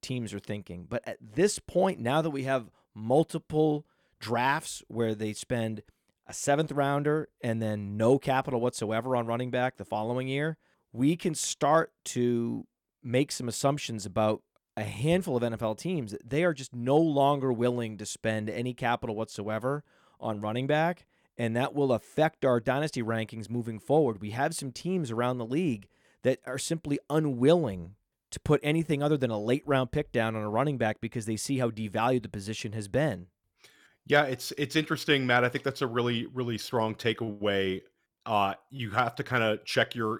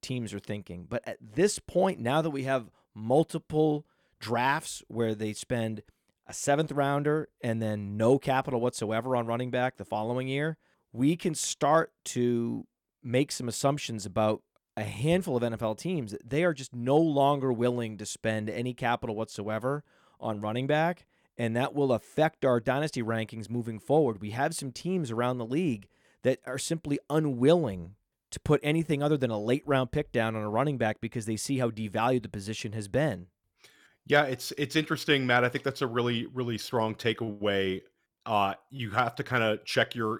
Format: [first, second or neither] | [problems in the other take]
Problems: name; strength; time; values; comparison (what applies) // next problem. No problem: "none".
neither | none